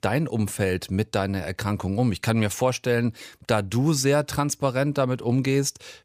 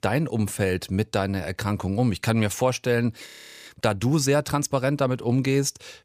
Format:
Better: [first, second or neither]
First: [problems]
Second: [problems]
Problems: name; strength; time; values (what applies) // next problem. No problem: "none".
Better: first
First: none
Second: audio freezing; at 3.5 s